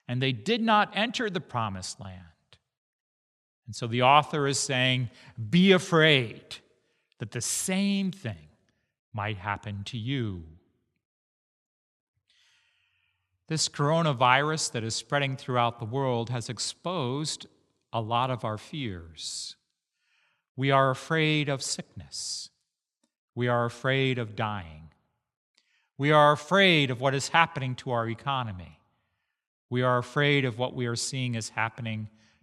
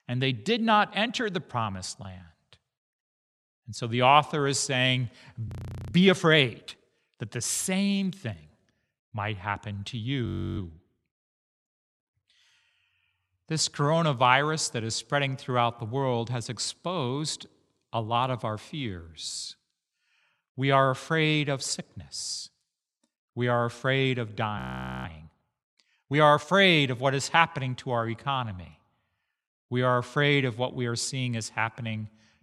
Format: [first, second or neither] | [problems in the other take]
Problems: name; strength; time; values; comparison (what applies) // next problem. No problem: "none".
first | audio freezing; at 5.5 s, at 10 s and at 25 s